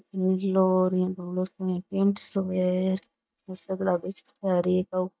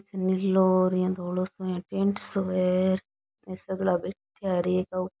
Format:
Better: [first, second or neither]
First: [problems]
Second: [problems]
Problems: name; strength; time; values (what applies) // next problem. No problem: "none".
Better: second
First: noise reduction (neural mask model DeepFilterNet 3)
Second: none